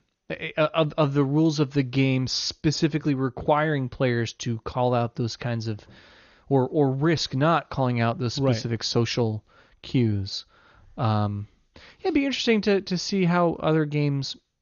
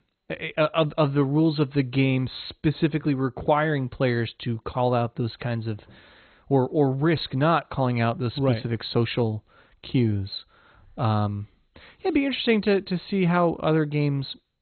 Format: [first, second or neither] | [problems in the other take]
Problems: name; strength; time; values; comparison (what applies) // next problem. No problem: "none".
first | garbled, watery; badly; nothing above 4 kHz; slightly in the first